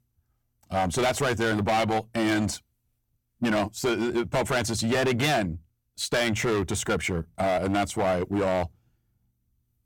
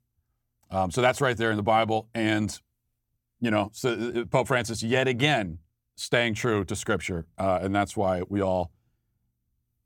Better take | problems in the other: second | distortion; heavy; 12% of the sound clipped

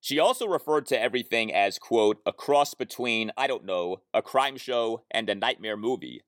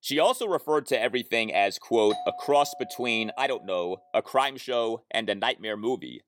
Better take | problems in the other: first | doorbell; noticeable; from 2 to 3.5 s; peak 9 dB below the speech

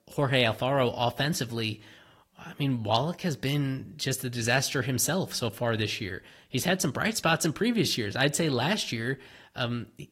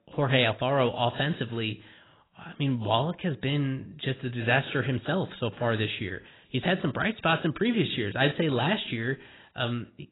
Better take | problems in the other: first | garbled, watery; badly; nothing above 4 kHz; slightly in the first

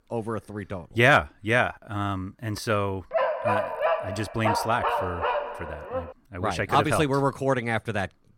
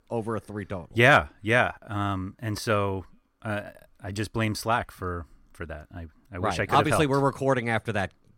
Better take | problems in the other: second | dog barking; loud; from 3 to 6 s; peak 1 dB above the speech

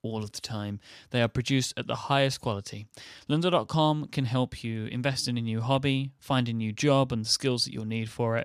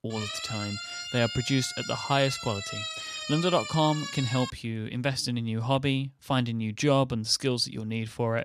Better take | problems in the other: first | siren; noticeable; until 4.5 s; peak 5 dB below the speech

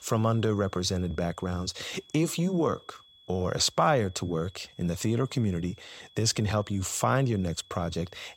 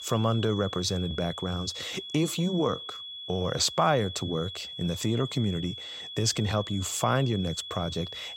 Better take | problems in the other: first | high-pitched whine; loud; throughout; 3.5 kHz, 9 dB below the speech; faint in the first

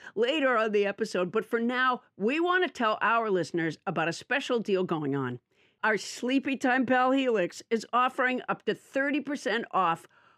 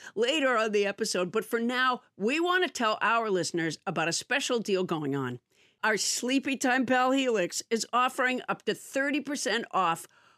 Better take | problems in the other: second | muffled; slightly; fading above 4 kHz

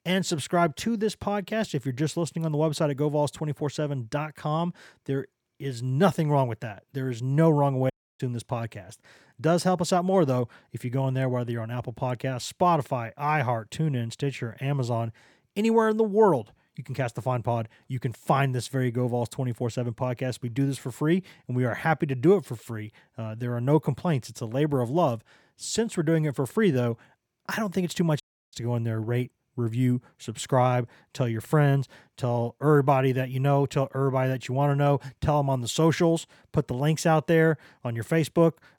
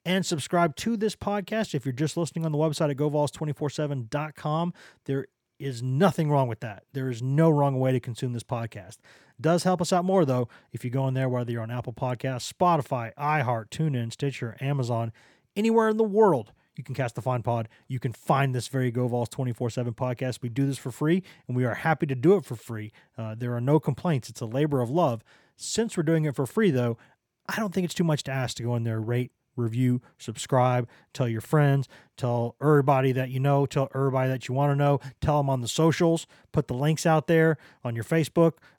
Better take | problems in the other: second | audio cutting out; at 8 s and at 28 s

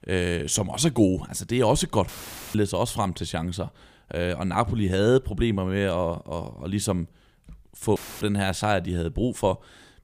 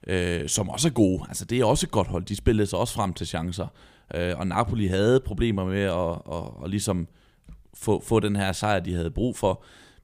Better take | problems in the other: second | audio cutting out; filled with static; at 2 s and at 8 s

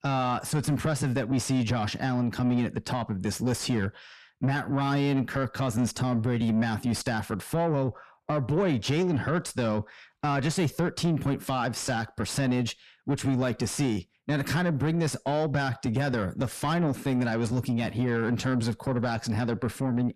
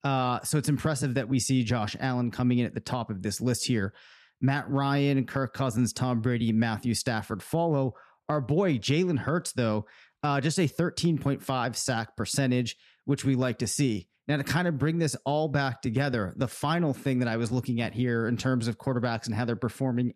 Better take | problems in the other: second | distortion; slight; 9 dB below the speech

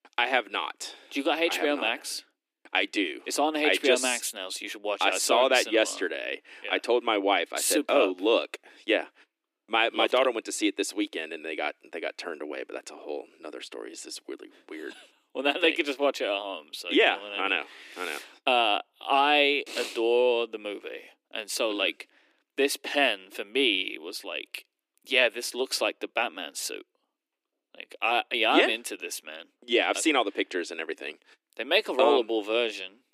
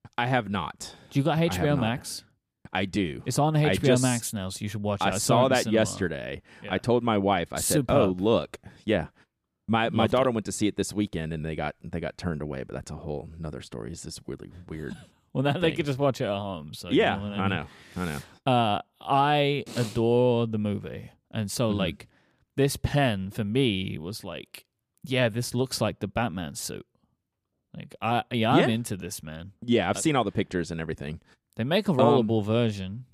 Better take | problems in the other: second | thin; somewhat; fading below 300 Hz

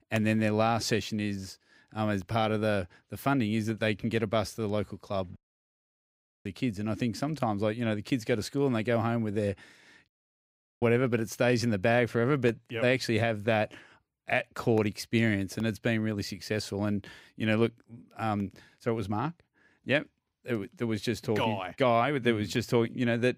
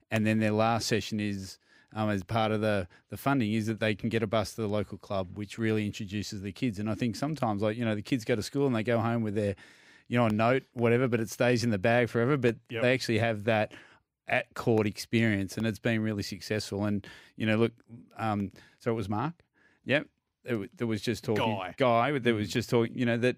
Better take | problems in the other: second | audio cutting out; at 5.5 s for 1 s and at 10 s for 0.5 s

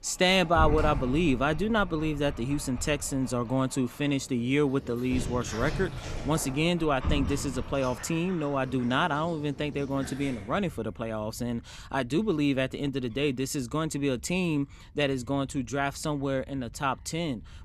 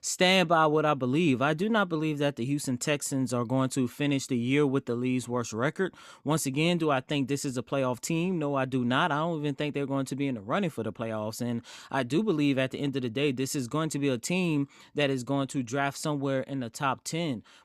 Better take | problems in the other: second | animal sounds; noticeable; throughout; 10 dB below the speech

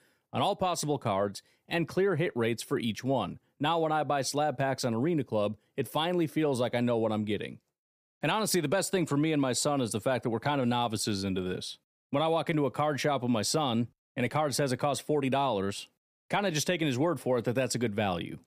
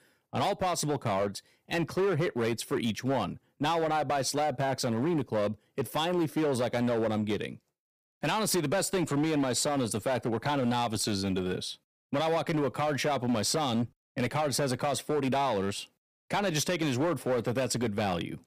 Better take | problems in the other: first | distortion; slight; 12% of the sound clipped

